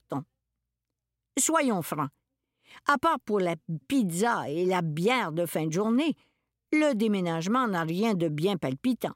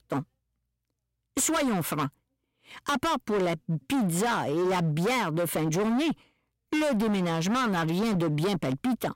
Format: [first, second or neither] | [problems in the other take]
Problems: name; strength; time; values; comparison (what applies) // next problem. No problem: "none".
first | distortion; heavy; 24% of the sound clipped